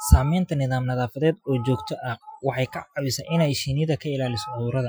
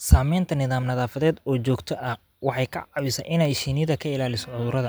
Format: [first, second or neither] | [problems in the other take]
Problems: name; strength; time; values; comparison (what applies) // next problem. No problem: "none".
second | noise reduction (classical method Wiener filter)